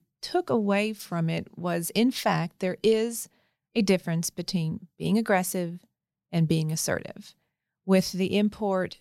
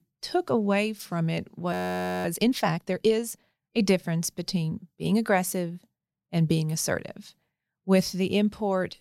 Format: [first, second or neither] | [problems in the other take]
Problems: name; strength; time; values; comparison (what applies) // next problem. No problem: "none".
first | audio freezing; at 1.5 s for 0.5 s